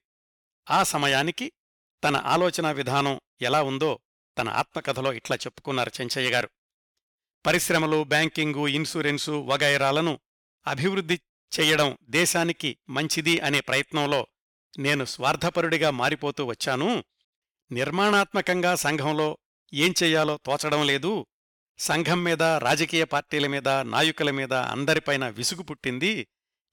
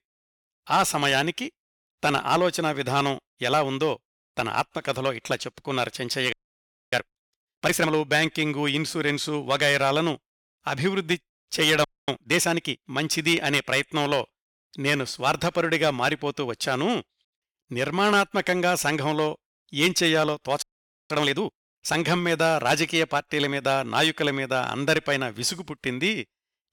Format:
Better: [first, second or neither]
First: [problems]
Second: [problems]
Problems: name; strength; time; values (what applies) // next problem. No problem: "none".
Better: first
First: none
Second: audio freezing; at 6.5 s for 0.5 s, at 12 s and at 21 s